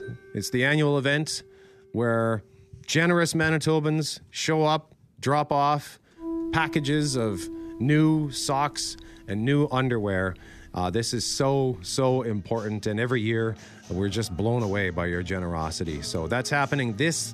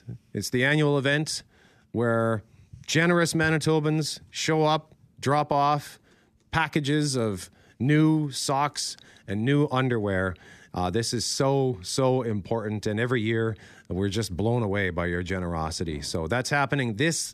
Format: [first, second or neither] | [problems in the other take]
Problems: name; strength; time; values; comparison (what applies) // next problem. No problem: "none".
second | background music; noticeable; throughout; 15 dB below the speech